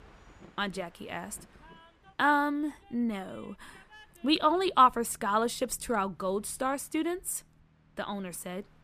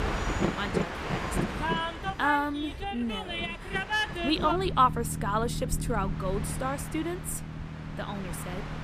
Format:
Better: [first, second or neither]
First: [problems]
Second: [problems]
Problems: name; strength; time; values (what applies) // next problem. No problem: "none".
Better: first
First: train or aircraft noise; faint; throughout; 30 dB below the speech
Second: train or aircraft noise; loud; throughout; 2 dB below the speech